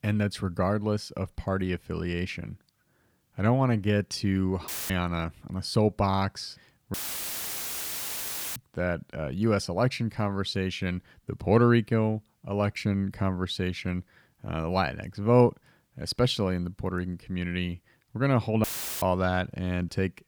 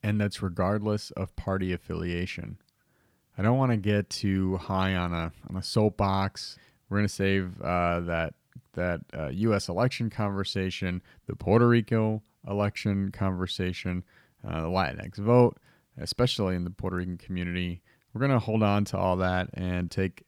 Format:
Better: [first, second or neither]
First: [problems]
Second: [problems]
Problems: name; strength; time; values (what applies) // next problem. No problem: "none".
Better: second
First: audio cutting out; filled with static; at 4.5 s, at 7 s for 1.5 s and at 19 s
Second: none